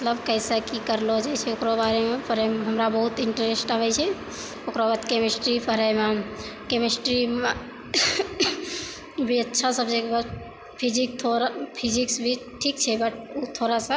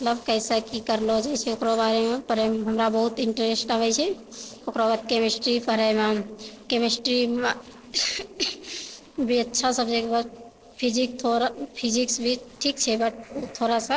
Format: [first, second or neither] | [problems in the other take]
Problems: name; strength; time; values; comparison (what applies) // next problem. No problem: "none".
first | noise reduction (neural separator model SepFormer DNS4)